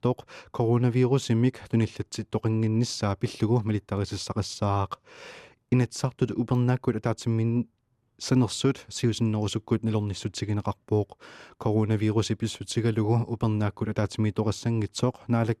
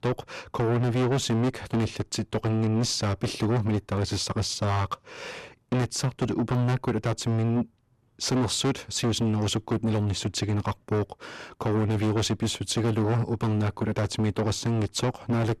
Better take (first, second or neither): first